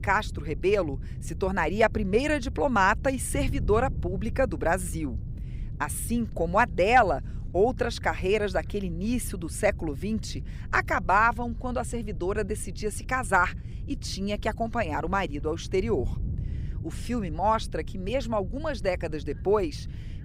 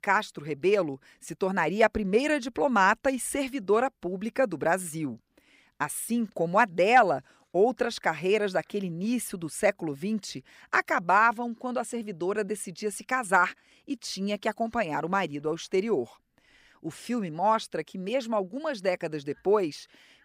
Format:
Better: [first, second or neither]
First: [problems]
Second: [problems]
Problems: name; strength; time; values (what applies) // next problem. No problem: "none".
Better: second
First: wind noise on the microphone; occasional gusts; 25 dB below the speech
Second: none